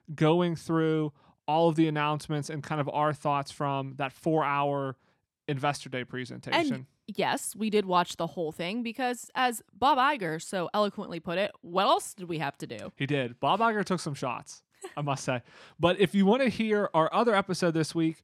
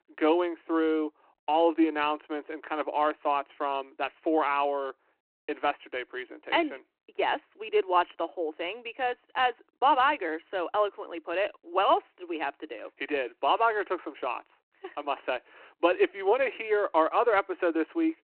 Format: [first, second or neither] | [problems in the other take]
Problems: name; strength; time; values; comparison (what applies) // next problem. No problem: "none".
first | phone-call audio; nothing above 4 kHz